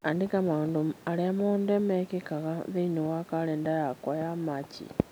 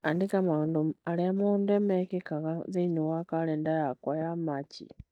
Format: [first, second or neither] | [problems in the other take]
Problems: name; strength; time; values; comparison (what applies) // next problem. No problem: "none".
first | noise reduction (neural mask model DeepFilterNet 3)